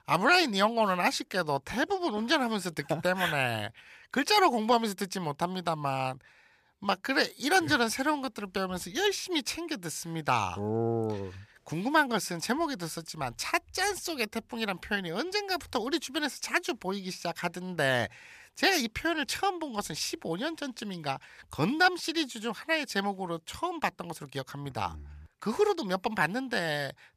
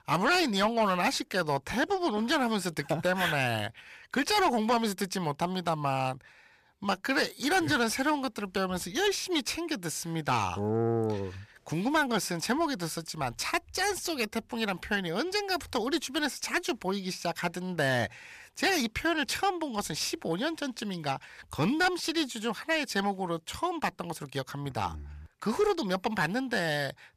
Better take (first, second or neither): first